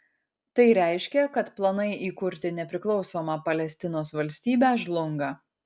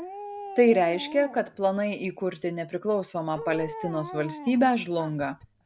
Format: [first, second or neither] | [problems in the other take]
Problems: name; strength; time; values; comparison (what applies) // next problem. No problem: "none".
first | background sound (Dog); 14 dB below the speech